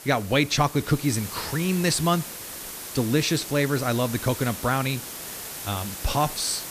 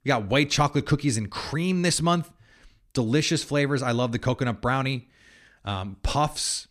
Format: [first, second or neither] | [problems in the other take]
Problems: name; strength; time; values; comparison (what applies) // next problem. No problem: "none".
second | hiss; loud; throughout; 9 dB below the speech